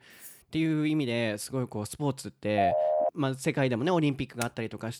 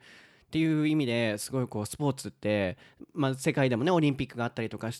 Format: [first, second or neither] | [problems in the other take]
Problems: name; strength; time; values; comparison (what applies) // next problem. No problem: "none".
second | clattering dishes; faint; at the start; peak 20 dB below the speech // phone ringing; loud; at 2.5 s; peak 4 dB above the speech // keyboard typing; very faint; at 4.5 s; peak 10 dB below the speech